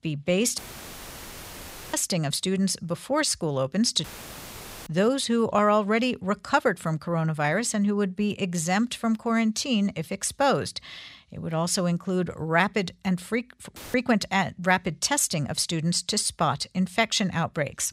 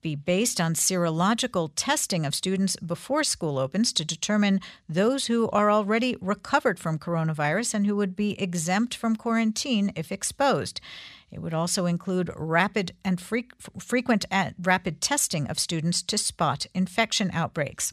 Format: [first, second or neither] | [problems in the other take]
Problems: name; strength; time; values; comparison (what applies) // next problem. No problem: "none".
second | audio cutting out; filled with static; at 0.5 s for 1.5 s, at 4 s for 1 s and at 14 s